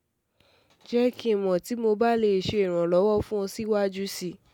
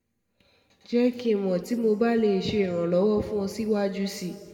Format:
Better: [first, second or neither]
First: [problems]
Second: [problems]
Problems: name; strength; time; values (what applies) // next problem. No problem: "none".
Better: first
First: none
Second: room echo; dies away in 1.4 s